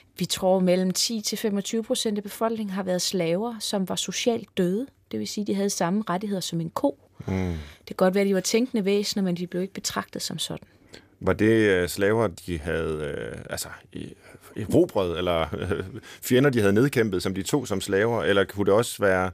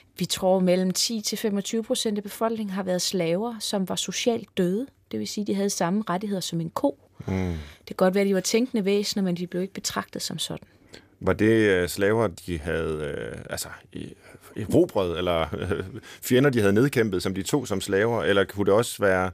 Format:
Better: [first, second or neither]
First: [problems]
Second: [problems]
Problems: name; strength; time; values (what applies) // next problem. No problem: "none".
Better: neither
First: none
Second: none